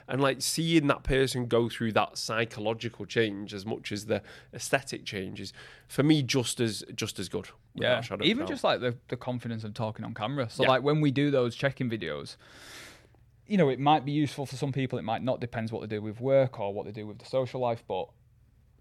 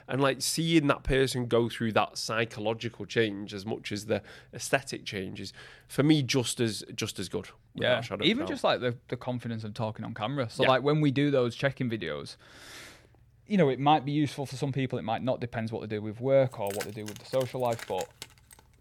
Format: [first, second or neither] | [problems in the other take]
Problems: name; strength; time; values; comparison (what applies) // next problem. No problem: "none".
first | jangling keys; faint; from 17 s on; peak 10 dB below the speech